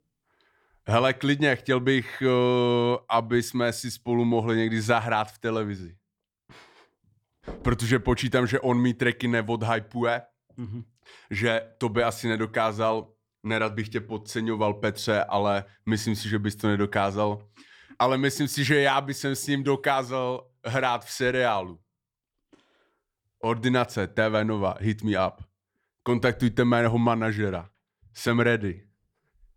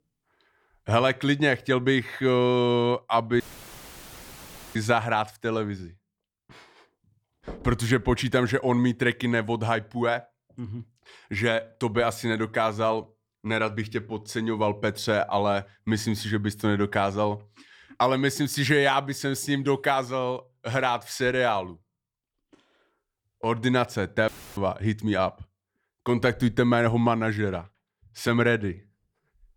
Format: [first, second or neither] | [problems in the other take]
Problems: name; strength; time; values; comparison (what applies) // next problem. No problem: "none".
first | audio cutting out; filled with static; at 3.5 s for 1.5 s and at 24 s